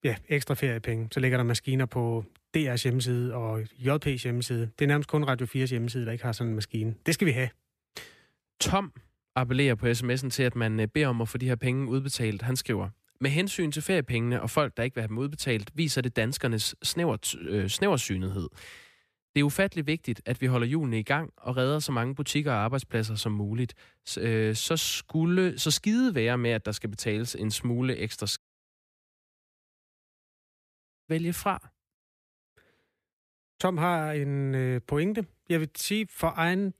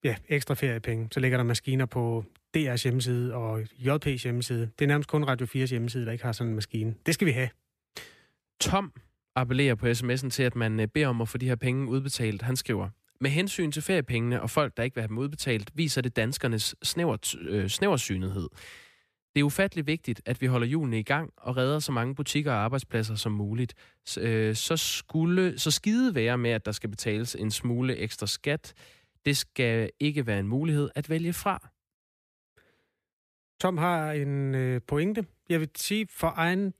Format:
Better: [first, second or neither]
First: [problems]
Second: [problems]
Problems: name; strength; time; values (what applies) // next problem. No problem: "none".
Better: second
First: audio cutting out; at 28 s for 2.5 s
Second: none